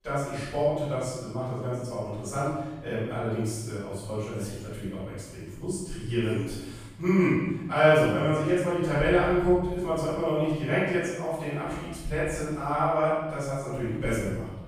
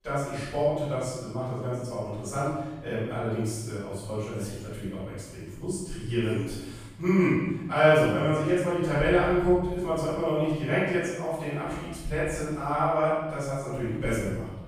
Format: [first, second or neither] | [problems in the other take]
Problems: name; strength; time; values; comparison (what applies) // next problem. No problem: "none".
neither | off-mic speech; far; the same in both // room echo; strong; dies away in 1.2 s; the same in both